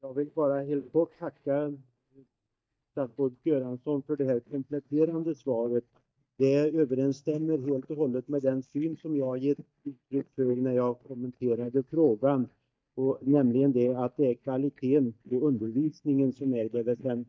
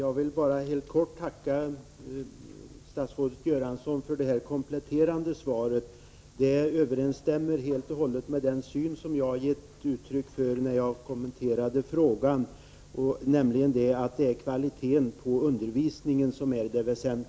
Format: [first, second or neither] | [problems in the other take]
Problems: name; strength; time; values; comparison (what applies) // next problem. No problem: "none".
second | noise reduction (neural mask model DeepFilterNet 3)